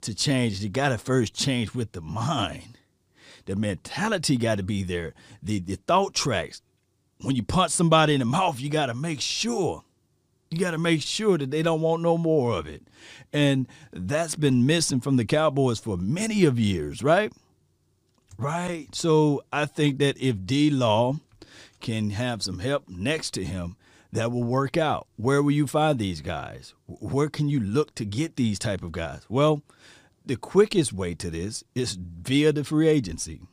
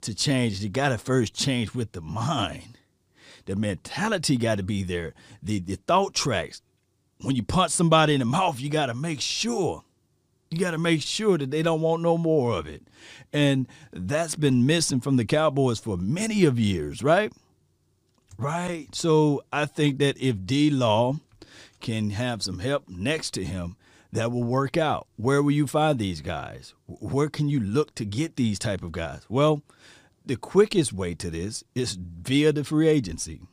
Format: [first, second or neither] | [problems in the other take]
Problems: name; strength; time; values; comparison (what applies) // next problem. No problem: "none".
neither | none